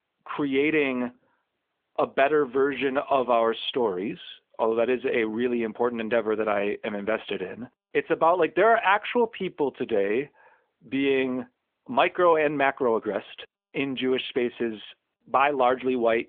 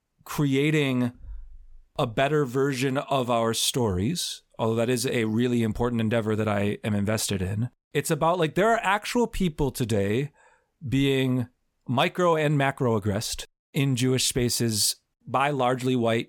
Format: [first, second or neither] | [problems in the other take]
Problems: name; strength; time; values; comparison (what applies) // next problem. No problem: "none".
second | phone-call audio; nothing above 3.5 kHz